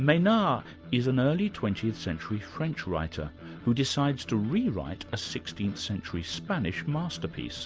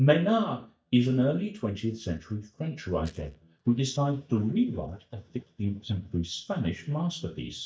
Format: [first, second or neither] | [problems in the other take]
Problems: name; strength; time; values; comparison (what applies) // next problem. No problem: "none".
first | noise reduction (neural mask model DeepFilterNet 3)